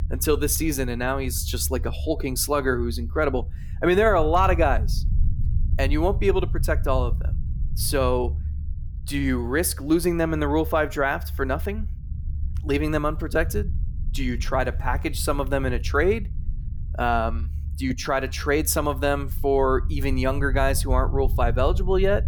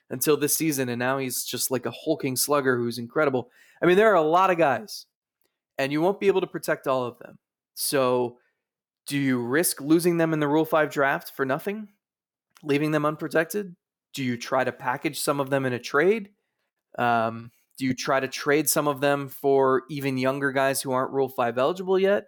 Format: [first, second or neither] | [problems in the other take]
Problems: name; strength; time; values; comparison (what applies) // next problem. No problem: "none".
second | low rumble; faint; throughout; 20 dB below the speech